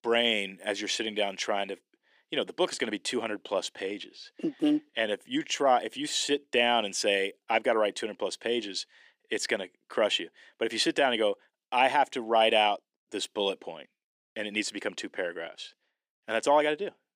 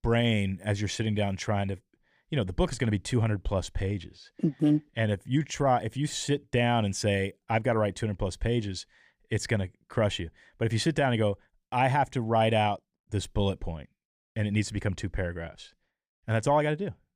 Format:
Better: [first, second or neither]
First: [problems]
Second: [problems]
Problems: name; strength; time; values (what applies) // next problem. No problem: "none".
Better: second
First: thin; somewhat; fading below 300 Hz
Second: none